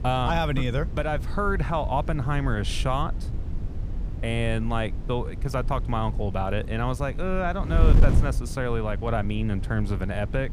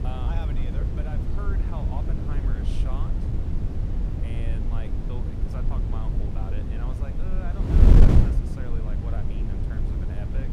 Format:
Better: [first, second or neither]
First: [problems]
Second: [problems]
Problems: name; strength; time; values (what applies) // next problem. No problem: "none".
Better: first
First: wind noise on the microphone; occasional gusts; 15 dB below the speech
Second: wind noise on the microphone; heavy; 5 dB above the speech